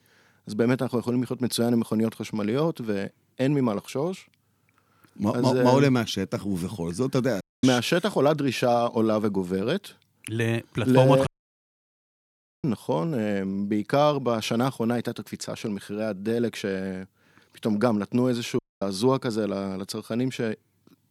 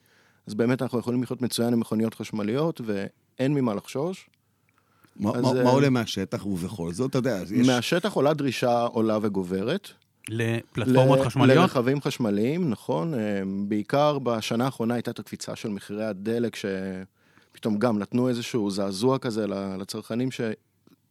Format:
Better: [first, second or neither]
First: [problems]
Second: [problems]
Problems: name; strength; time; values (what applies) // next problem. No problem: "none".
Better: second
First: audio cutting out; at 7.5 s, at 11 s for 1.5 s and at 19 s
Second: none